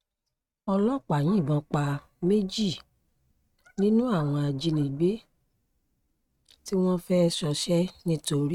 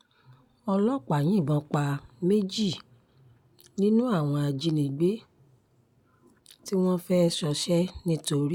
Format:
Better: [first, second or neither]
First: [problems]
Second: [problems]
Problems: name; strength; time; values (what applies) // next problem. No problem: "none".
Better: second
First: noise reduction (neural mask model RNNoise)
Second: none